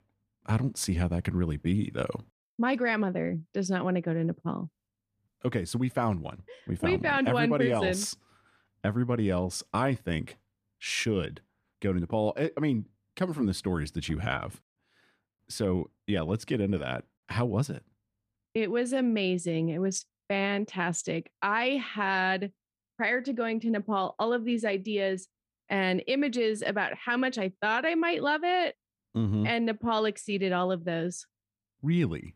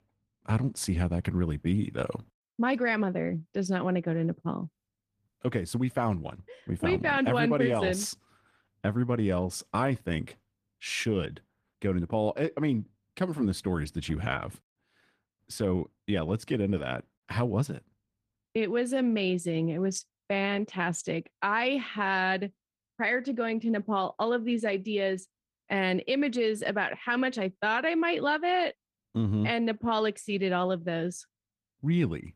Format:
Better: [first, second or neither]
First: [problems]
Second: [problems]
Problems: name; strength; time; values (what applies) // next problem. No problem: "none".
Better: first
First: none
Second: garbled, watery; slightly